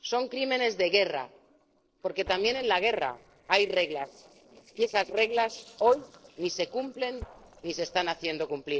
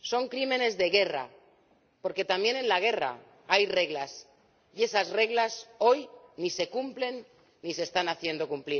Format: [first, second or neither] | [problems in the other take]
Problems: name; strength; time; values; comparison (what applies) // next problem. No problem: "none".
second | noise reduction (neural separator model SepFormer DNS4)